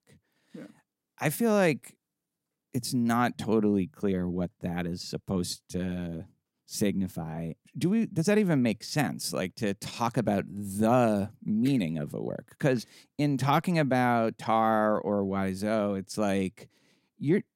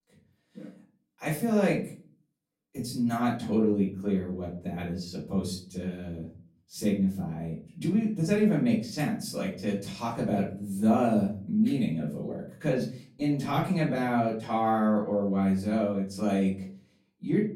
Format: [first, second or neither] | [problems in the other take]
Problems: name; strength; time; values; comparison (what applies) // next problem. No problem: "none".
first | off-mic speech; far // room echo; slight; dies away in 0.4 s